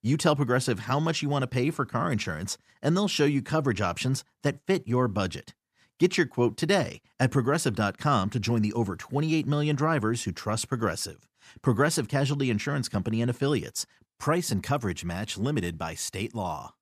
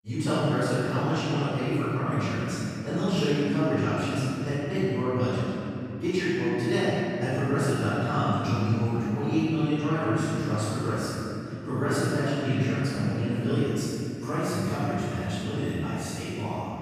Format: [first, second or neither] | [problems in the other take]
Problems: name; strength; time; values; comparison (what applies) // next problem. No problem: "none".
first | off-mic speech; far // room echo; strong; dies away in 3 s